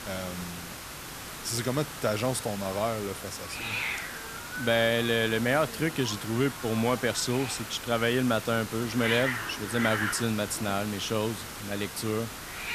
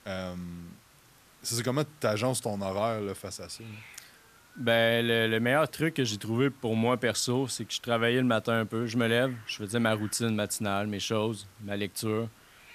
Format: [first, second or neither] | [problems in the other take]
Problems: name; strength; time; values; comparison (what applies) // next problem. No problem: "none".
second | hiss; loud; throughout; 7 dB below the speech; faint in the second